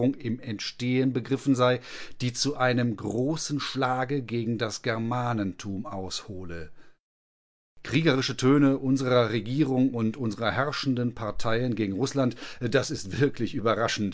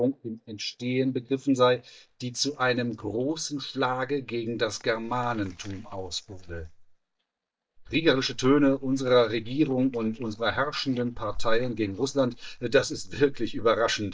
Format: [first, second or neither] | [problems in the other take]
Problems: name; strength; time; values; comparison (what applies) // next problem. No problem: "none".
first | noise reduction (neural mask model DeepFilterNet 3)